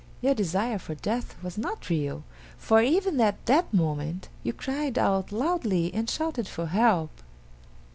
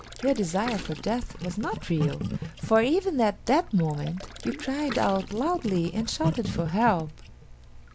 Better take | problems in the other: first | background sound (Gurgling); 9 dB below the speech

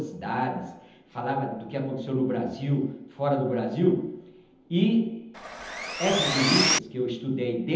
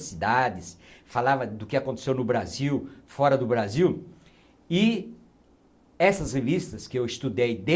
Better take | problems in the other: second | background sound (Sawing); 1 dB above the speech // room echo; dies away in 0.9 s

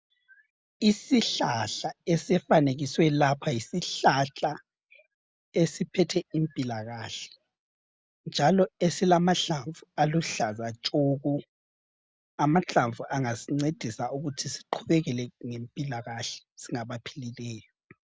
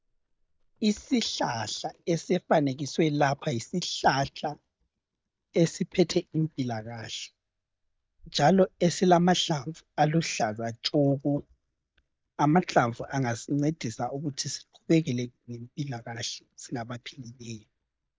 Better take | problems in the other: first | noise reduction (neural mask model DeepFilterNet 3)

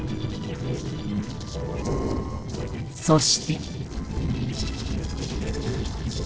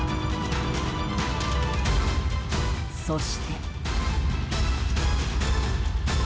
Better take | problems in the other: second | noise reduction (neural separator model SepFormer DNS4)

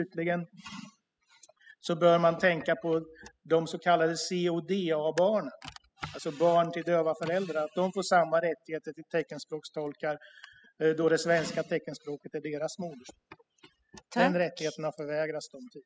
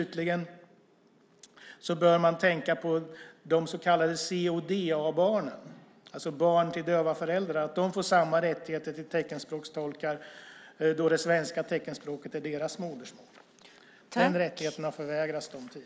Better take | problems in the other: second | noise reduction (classical method spectral subtraction)

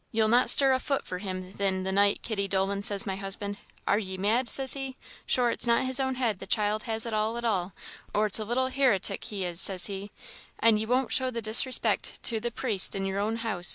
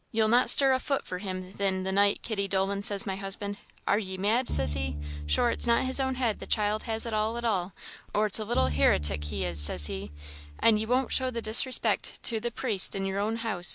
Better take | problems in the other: first | background sound (Bowed string instrument); 6 dB below the speech

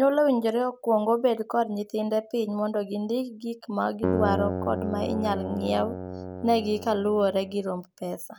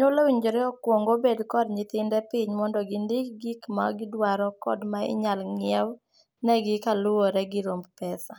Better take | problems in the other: second | background sound (Keyboard (musical)); 5 dB below the speech

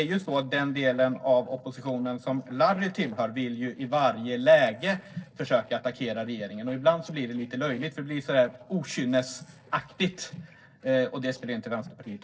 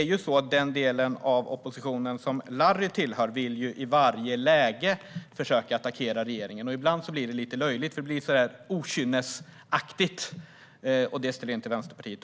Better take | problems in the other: second | noise reduction (neural separator model SepFormer DNS4)

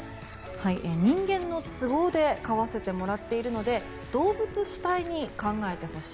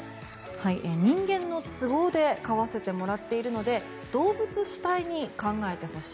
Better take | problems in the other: second | background sound (Rain); 18 dB below the speech

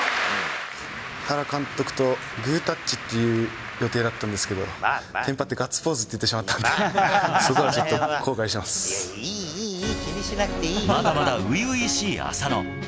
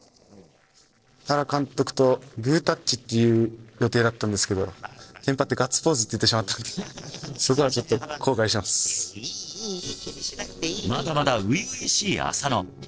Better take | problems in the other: first | noise reduction (neural separator model SepFormer DNS4)

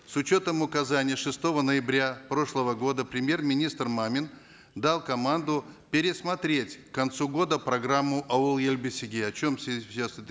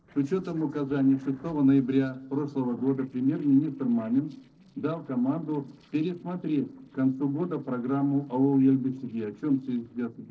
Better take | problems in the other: first | noise reduction (neural separator model SepFormer DNS4)

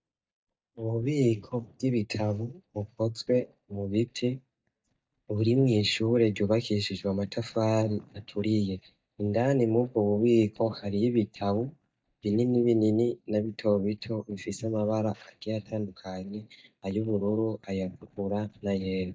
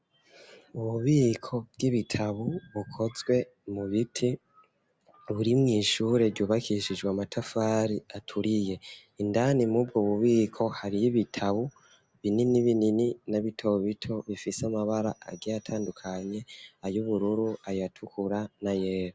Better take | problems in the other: second | noise reduction (neural mask model DeepFilterNet 3)

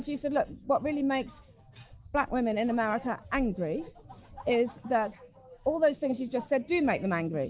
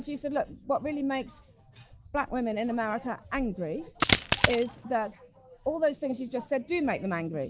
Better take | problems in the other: first | background sound (Coin (dropping)); 4 dB above the speech

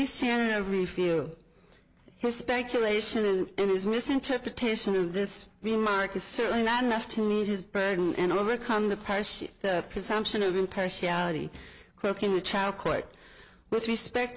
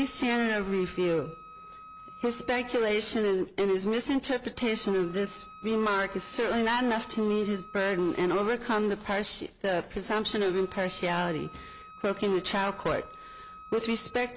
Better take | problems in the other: first | background sound (Wind instrument, woodwind instrument); 20 dB below the speech

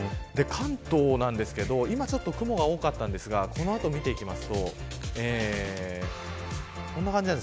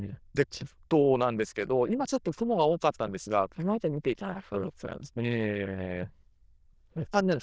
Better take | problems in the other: first | noise reduction (neural diffusion model UNIVERSE++)

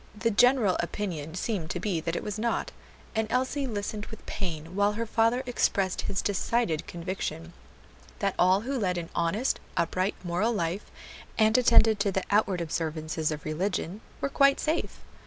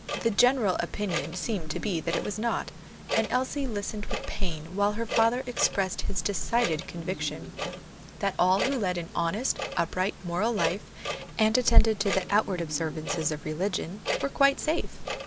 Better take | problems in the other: first | background sound (Clock); 11 dB below the speech

